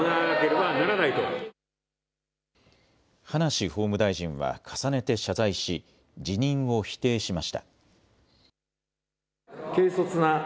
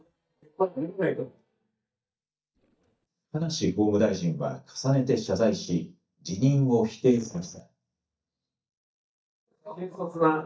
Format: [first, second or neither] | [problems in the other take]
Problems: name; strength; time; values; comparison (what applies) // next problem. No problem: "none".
first | noise reduction (neural mask model DeepFilterNet 3)